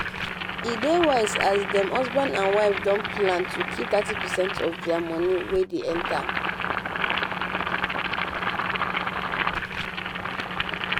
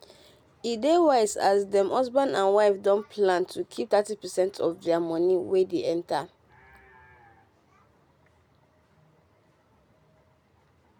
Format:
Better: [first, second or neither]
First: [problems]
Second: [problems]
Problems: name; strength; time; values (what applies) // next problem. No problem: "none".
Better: second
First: background sound (Boiling); 2 dB below the speech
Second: none